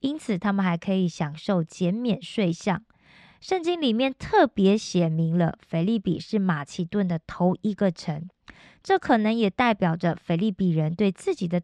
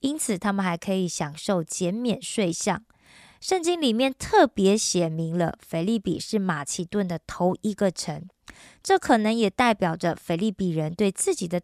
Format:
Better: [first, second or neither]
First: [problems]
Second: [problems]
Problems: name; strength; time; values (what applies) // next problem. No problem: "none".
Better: second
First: muffled; slightly; fading above 3.5 kHz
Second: none